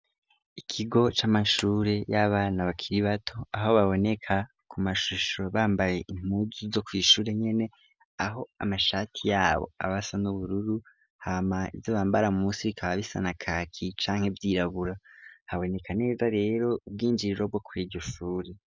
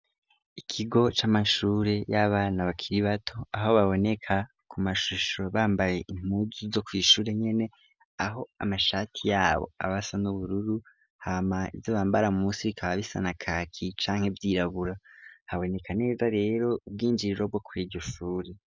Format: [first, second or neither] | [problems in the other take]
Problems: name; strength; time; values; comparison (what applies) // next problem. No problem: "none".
second | background sound (Clapping); 16 dB below the speech